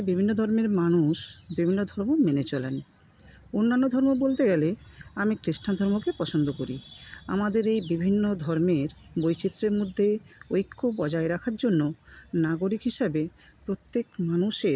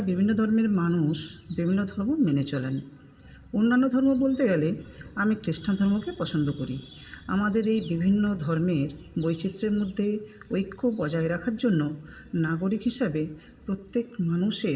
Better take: first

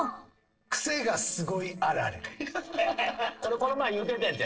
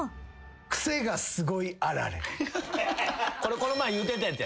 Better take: second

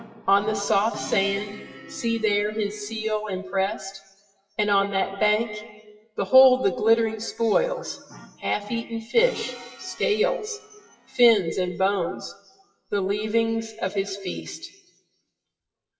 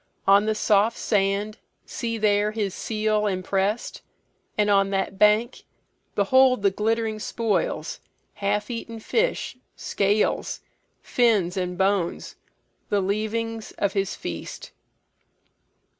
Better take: second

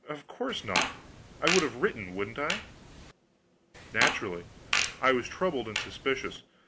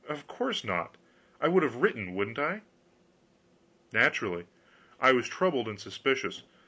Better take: second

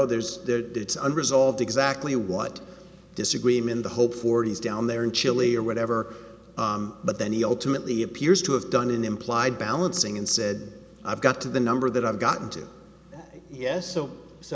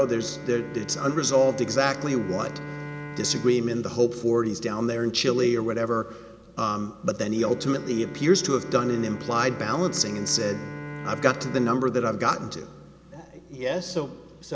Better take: first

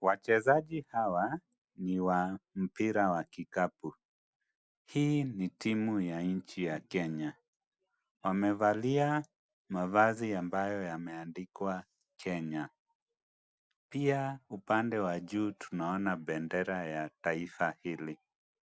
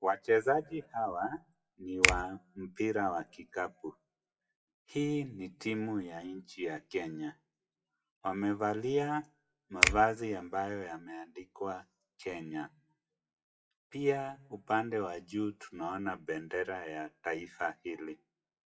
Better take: first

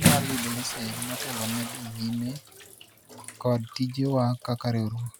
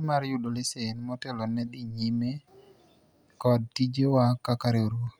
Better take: second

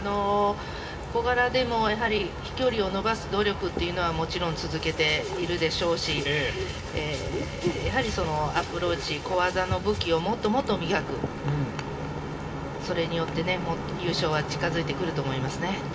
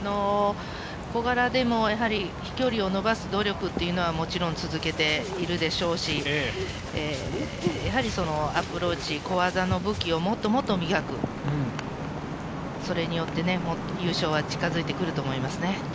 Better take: second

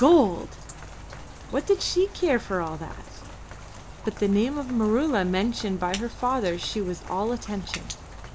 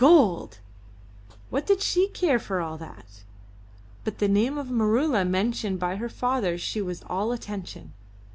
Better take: second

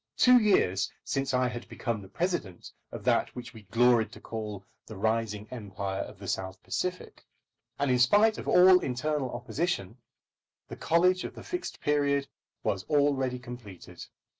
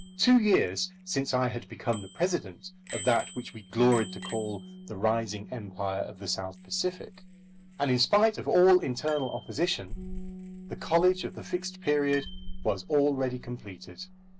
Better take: first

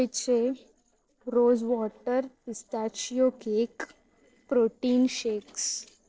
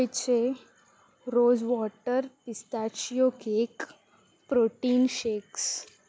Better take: second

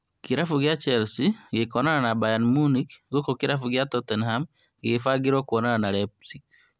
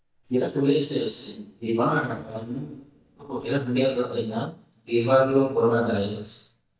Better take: first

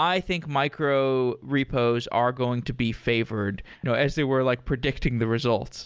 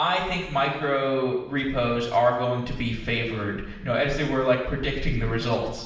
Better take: first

